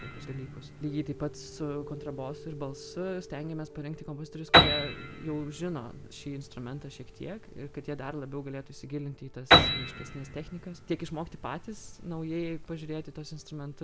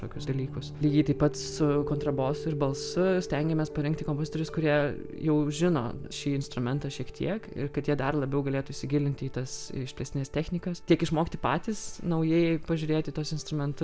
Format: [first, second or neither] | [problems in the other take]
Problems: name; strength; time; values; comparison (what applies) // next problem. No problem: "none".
second | background sound (Piano); 5 dB above the speech